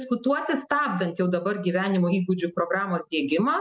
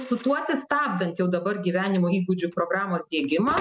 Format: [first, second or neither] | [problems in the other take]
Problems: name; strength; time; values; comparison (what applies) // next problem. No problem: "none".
first | background sound (Telephone); 17 dB below the speech